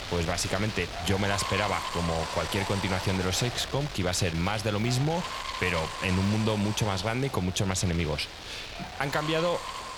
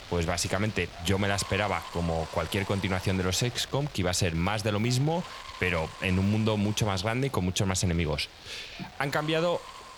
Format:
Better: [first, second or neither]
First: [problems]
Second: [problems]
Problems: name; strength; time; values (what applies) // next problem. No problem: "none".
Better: second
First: wind noise on the microphone; heavy; 4 dB below the speech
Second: wind noise on the microphone; occasional gusts; 10 dB below the speech